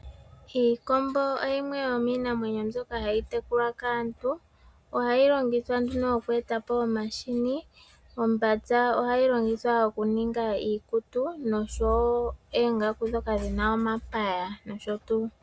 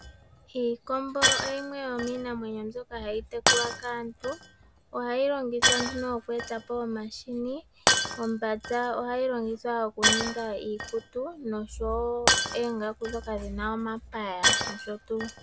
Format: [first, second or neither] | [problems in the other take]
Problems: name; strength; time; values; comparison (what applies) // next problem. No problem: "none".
first | background sound (Shatter); 1 dB above the speech